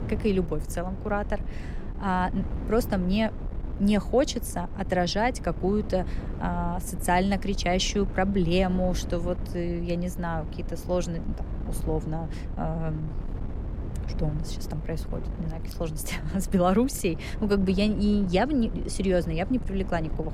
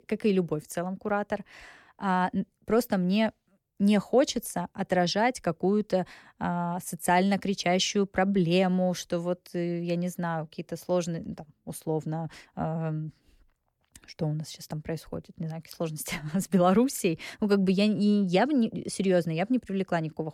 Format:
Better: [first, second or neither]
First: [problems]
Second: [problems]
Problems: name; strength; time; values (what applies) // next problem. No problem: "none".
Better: second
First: wind noise on the microphone; occasional gusts; 15 dB below the speech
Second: none